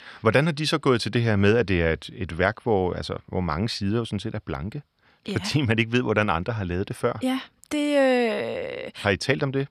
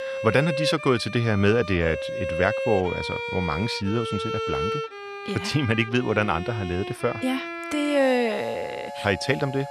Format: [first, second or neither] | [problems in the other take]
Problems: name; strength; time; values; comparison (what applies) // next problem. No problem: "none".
first | background music; loud; throughout; 6 dB below the speech